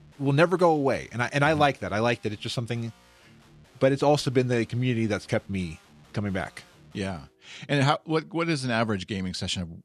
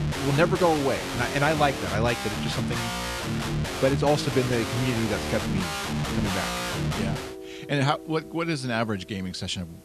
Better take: first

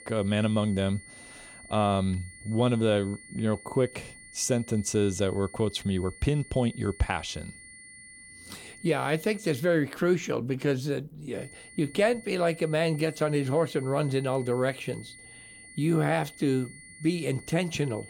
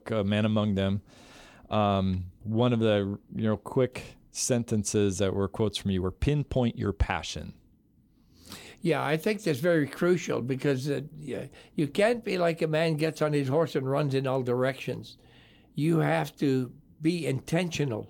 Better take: second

